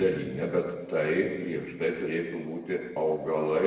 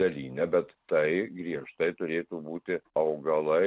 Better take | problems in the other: second | room echo; dies away in 1.2 s

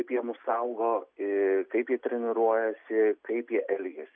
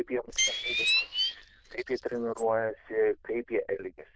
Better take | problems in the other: first | noise reduction (neural diffusion model UNIVERSE++)

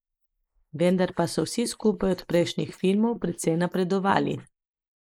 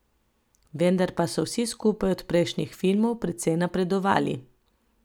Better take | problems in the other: second | noise reduction (neural mask model Resemble Enhance denoiser)

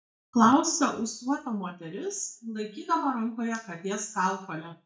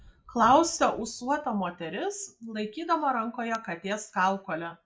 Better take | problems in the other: second | noise reduction (neural mask model DeepFilterNet 3)

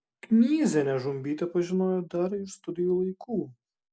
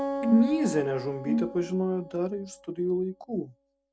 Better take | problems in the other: first | background sound (Acoustic guitar + Brass instrument); 5 dB below the speech

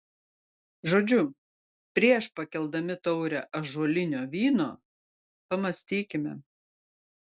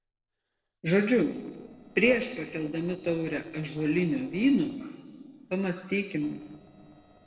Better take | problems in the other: first | noise reduction (neural separator model SepFormer DNS4)

